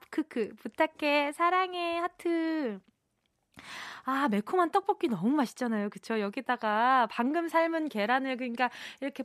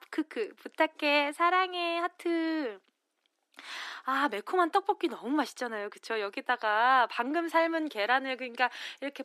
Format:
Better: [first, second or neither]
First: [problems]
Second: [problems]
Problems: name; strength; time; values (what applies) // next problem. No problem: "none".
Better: first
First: none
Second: thin; very slightly; fading below 300 Hz